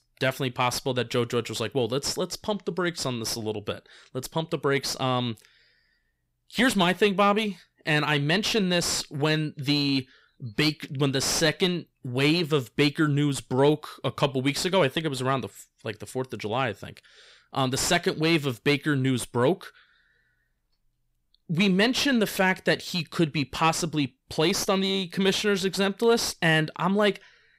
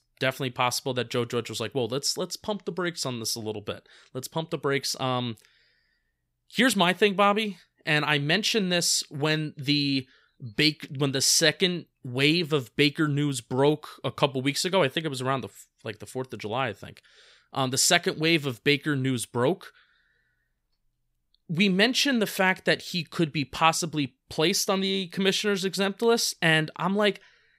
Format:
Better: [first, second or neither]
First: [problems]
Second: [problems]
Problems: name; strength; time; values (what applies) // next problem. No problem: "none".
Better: second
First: distortion; slight; 10 dB below the speech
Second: none